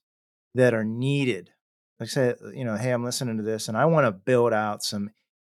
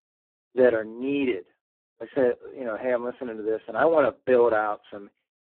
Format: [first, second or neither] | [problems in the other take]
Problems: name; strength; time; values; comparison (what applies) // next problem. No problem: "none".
first | phone-call audio; poor line